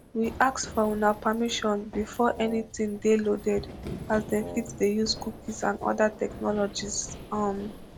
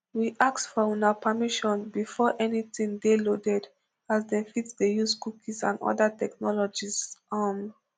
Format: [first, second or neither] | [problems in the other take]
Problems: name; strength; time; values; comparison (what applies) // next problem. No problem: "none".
second | background sound (Wind instrument, woodwind instrument + Run); 14 dB below the speech